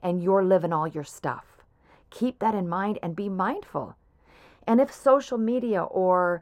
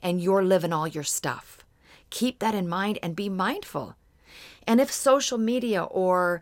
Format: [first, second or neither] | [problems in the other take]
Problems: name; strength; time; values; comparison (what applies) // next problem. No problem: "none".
second | muffled; very; fading above 2 kHz